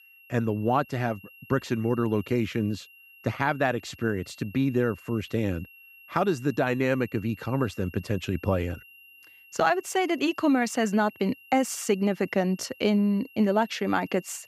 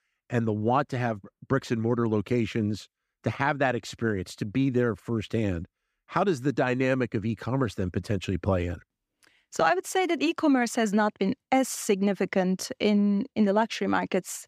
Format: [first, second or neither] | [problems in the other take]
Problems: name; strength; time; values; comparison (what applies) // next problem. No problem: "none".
second | high-pitched whine; faint; throughout; 3 kHz, 20 dB below the speech